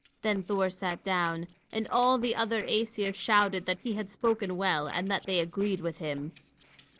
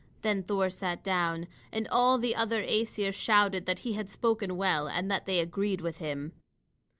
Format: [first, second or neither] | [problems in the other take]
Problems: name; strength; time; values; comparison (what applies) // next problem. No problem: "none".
second | noise reduction (neural separator model SepFormer DNS4)